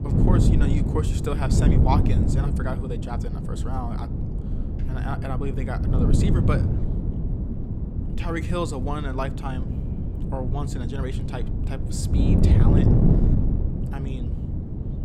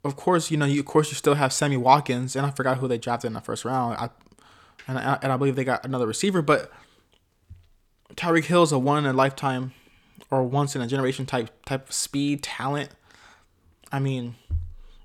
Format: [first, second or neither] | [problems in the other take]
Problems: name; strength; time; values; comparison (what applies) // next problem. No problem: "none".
second | wind noise on the microphone; heavy; 1 dB below the speech